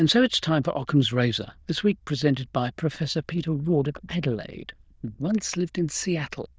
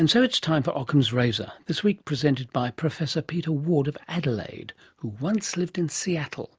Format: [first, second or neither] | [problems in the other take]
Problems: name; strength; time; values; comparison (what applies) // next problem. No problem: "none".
second | noise reduction (neural diffusion model UNIVERSE++)